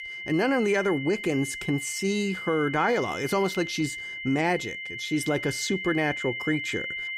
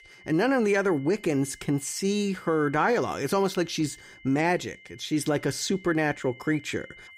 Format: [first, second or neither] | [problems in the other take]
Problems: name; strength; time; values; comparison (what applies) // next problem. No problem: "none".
second | high-pitched whine; loud; throughout; 2 kHz, 6 dB below the speech; faint in the second